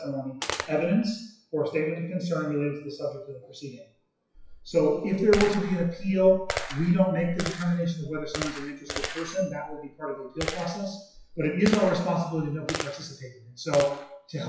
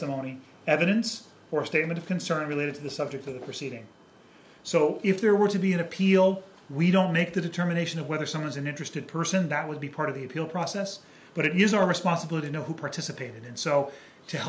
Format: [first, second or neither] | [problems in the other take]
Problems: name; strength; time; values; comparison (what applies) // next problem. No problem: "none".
second | noise reduction (classical method WPE with log-MMSE)